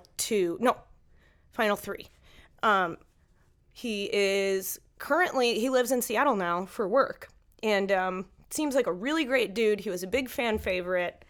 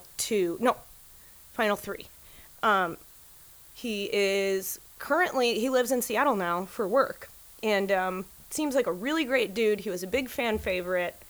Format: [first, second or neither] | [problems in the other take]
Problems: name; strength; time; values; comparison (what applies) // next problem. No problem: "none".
first | hiss; faint; throughout; 20 dB below the speech